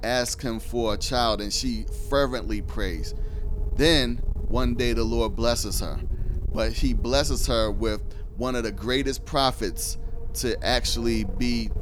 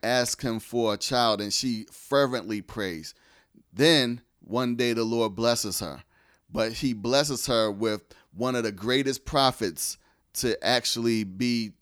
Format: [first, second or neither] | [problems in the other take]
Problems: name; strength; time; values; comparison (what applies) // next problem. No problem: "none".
second | wind noise on the microphone; occasional gusts; 20 dB below the speech